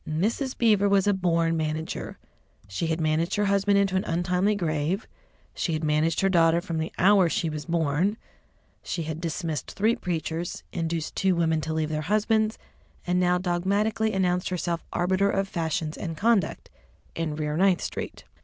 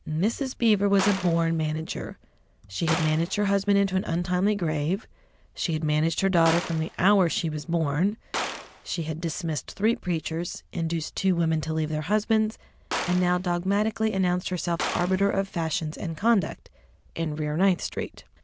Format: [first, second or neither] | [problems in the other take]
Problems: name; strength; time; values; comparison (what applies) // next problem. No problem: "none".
first | background sound (Gunshot, gunfire); 12 dB below the speech